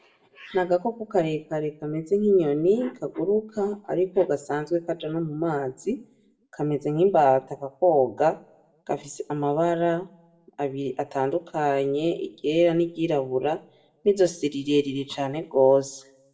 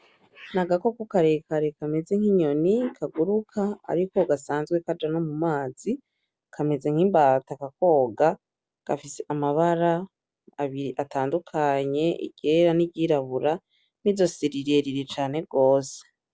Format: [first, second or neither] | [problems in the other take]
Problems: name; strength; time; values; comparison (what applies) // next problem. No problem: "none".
second | room echo; dies away in 0.4 s